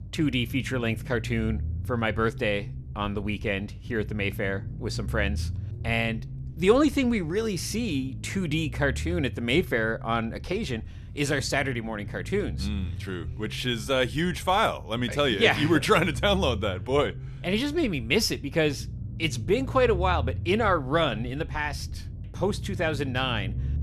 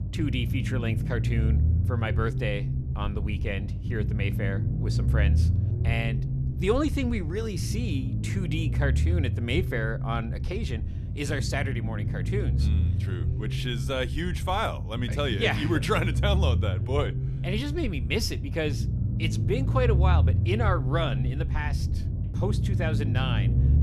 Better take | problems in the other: first | low rumble; loud; throughout; 9 dB below the speech; faint in the first

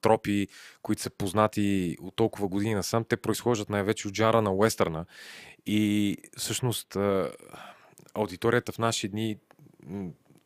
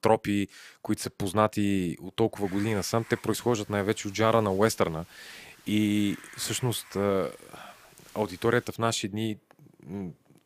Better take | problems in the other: first | hiss; faint; from 2.5 to 8.5 s; 20 dB below the speech

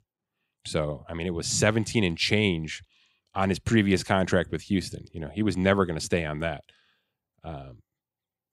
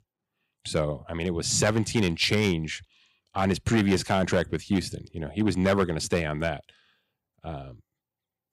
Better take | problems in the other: first | distortion; slight; 2% of the sound clipped

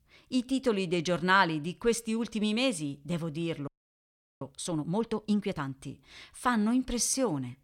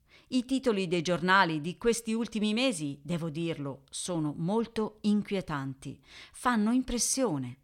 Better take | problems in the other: second | audio freezing; at 3.5 s for 0.5 s

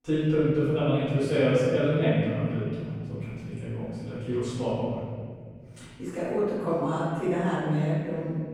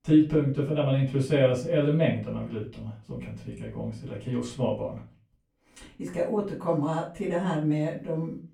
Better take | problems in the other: second | room echo; strong; dies away in 2.6 s; slight in the second // off-mic speech; far; far in the second

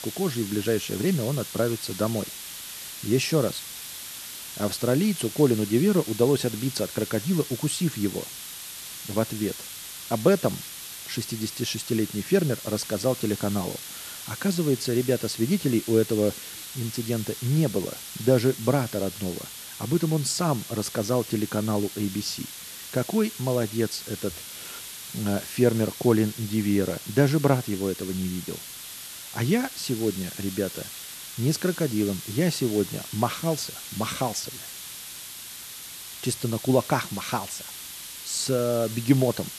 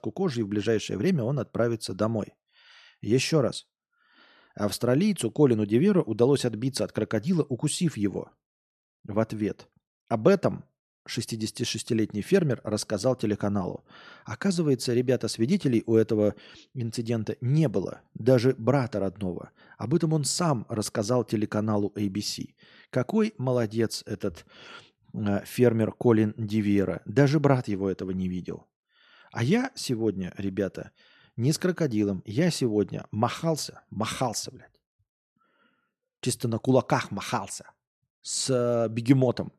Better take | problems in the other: second | hiss; loud; throughout; 10 dB below the speech

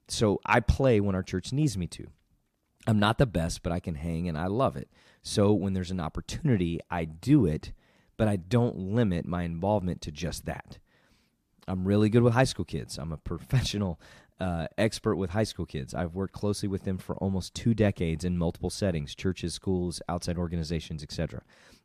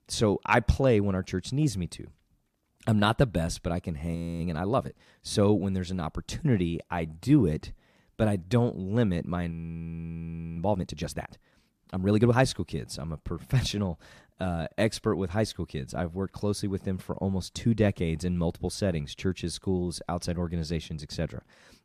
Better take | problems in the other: first | audio freezing; at 4 s and at 9.5 s for 1 s

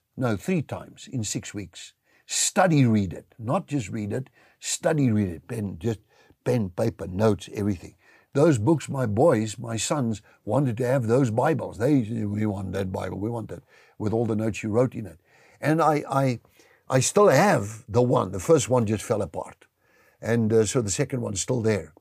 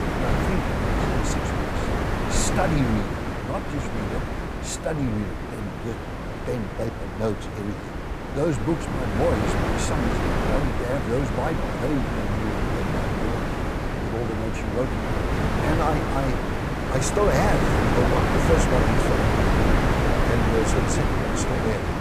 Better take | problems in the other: first | wind noise on the microphone; heavy; 2 dB above the speech

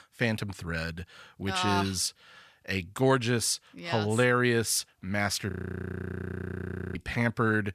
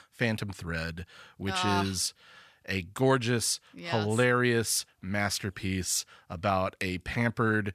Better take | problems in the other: second | audio freezing; at 5.5 s for 1.5 s

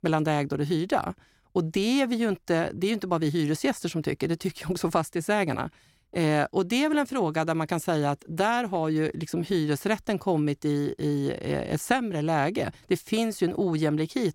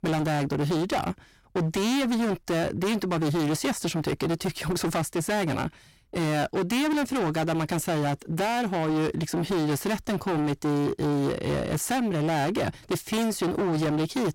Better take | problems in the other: first | distortion; heavy; 32% of the sound clipped

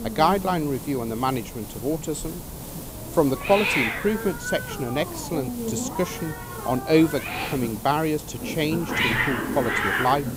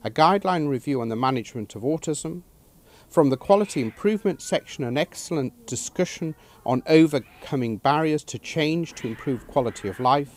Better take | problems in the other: second | hiss; loud; throughout; 3 dB below the speech; faint in the second

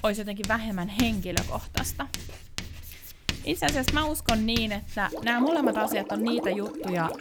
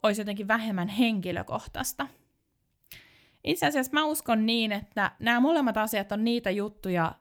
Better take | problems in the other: second | household noises; loud; throughout; 5 dB below the speech

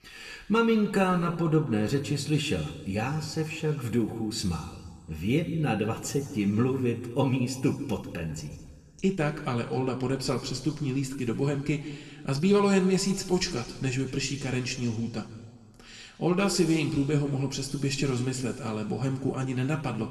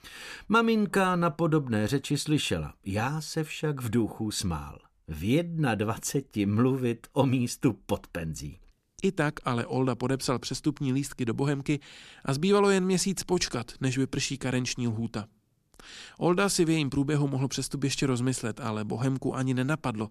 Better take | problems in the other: second | room echo; slight; dies away in 1.5 s // off-mic speech; somewhat distant

